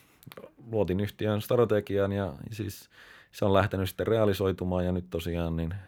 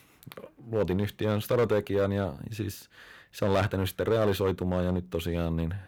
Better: first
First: none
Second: distortion; slight; 4% of the sound clipped

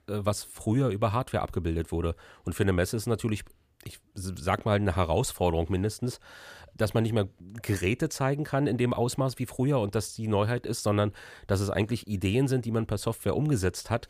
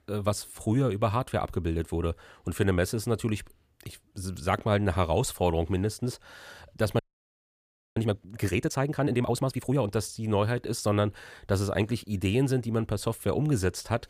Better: first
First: none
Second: audio freezing; at 7 s for 1 s

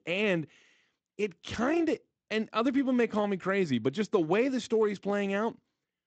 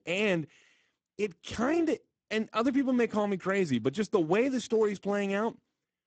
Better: first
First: garbled, watery; slightly; nothing above 8 kHz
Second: garbled, watery; badly; nothing above 8 kHz

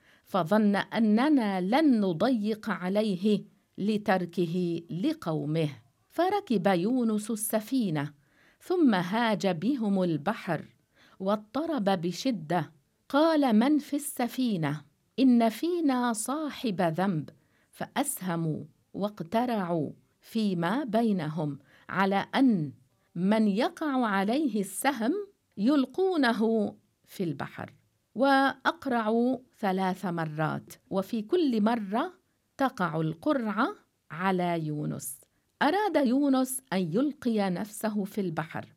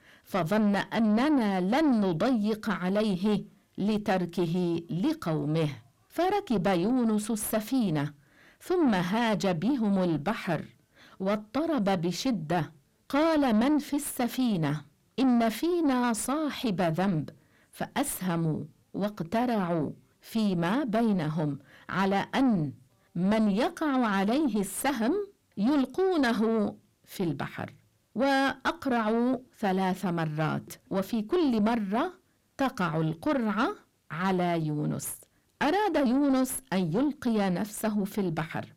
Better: first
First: none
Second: distortion; slight; 10 dB below the speech

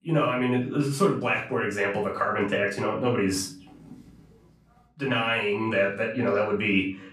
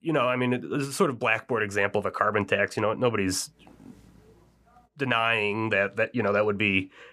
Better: second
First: off-mic speech; far // room echo; slight; dies away in 0.4 s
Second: none

